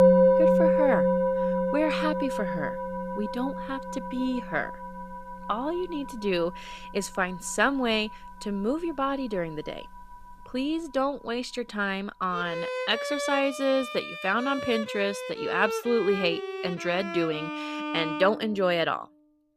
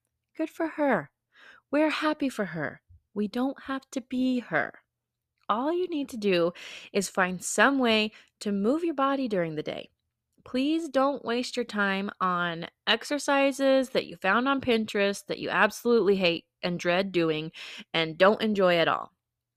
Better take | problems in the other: second | background music; very loud; throughout; as loud as the speech

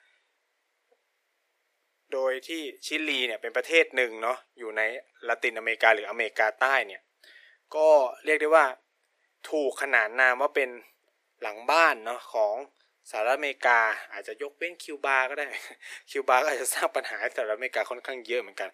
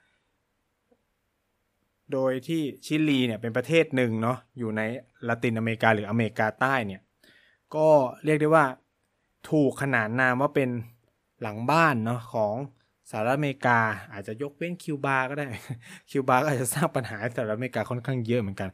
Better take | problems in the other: second | thin; very; fading below 350 Hz

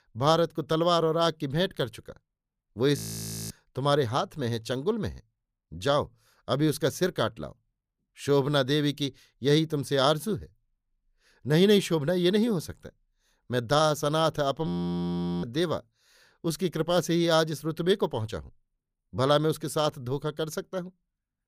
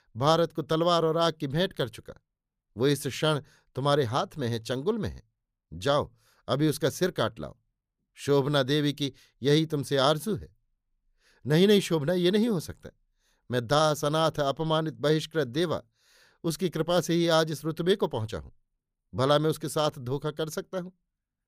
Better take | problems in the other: second | audio freezing; at 3 s for 0.5 s and at 15 s for 1 s

